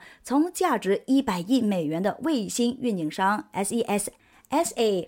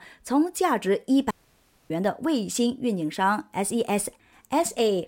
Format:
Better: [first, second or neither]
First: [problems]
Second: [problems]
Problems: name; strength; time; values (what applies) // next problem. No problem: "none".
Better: first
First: none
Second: audio cutting out; at 1.5 s for 0.5 s